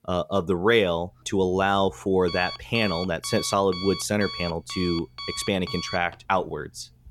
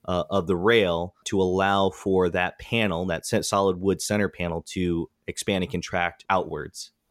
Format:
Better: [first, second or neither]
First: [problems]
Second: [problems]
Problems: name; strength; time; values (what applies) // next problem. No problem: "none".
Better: second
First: alarm; noticeable; from 1 s on; peak 8 dB below the speech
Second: none